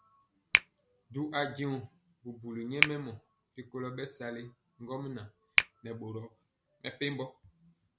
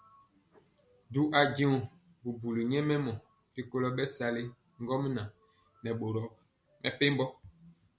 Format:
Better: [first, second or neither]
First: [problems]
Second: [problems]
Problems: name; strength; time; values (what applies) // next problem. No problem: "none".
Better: second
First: background sound (Finger snapping); 3 dB above the speech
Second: none